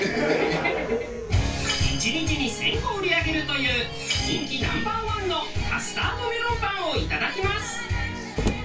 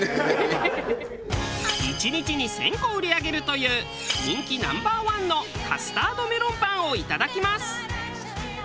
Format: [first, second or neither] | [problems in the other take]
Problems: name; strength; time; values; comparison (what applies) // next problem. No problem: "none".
second | background sound (Slam); 15 dB below the speech // room echo; dies away in 0.2 s